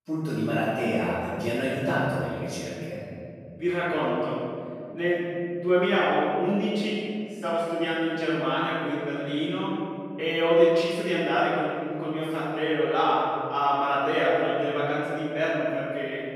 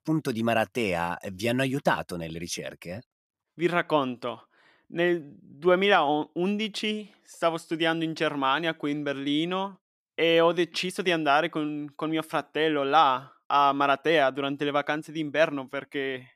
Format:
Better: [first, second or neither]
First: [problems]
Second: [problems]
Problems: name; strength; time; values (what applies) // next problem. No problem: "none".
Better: second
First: off-mic speech; far // room echo; strong; dies away in 3 s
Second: none